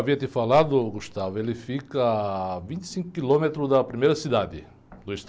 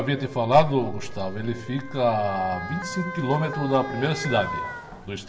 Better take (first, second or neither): first